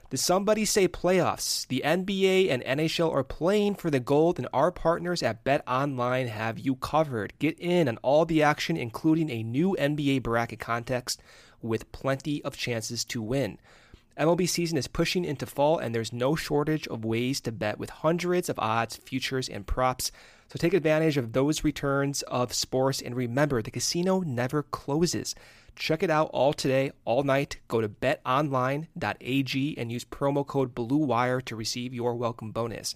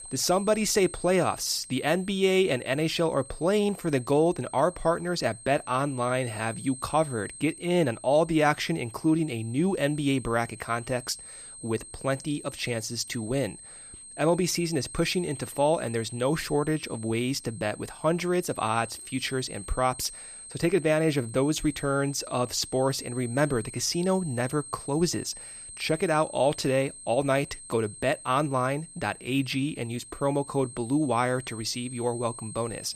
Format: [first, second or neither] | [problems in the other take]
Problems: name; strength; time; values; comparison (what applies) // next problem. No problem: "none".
first | high-pitched whine; noticeable; throughout; 8.5 kHz, 15 dB below the speech